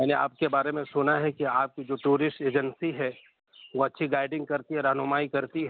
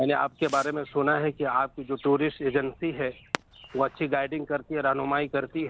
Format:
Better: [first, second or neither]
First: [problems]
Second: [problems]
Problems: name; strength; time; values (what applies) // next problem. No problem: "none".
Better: first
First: none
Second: background sound (Fireworks); 18 dB below the speech